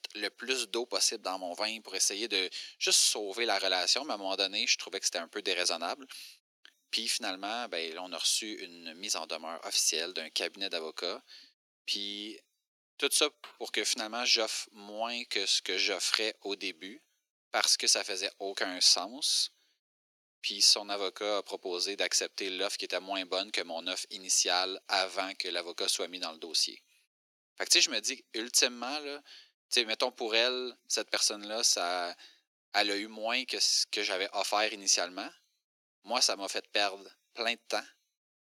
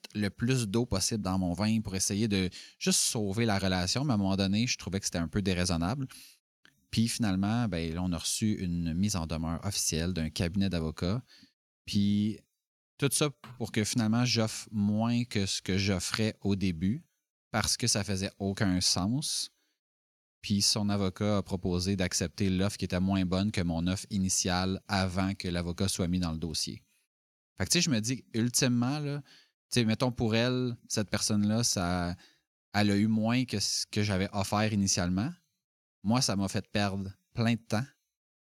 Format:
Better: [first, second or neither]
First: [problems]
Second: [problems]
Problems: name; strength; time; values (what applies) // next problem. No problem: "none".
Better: second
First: thin; very; fading below 350 Hz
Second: none